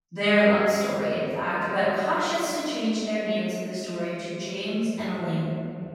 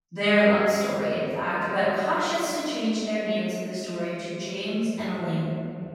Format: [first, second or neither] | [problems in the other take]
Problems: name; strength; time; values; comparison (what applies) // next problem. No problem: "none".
neither | room echo; strong; dies away in 2.8 s; the same in both // off-mic speech; far; the same in both